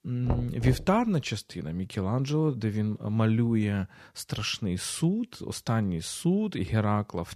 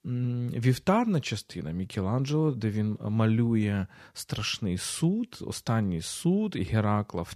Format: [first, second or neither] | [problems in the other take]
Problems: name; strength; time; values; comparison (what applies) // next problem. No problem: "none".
second | door banging; noticeable; at 0.5 s; peak 5 dB below the speech